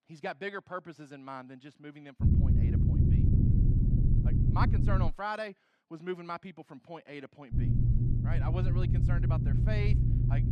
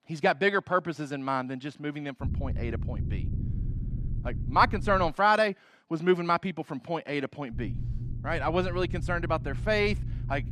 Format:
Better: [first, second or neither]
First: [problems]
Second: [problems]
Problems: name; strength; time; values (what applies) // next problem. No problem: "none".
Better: second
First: low rumble; loud; from 2 to 5 s and from 7.5 s on; 2 dB below the speech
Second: low rumble; faint; from 2 to 5 s and from 7.5 s on; 20 dB below the speech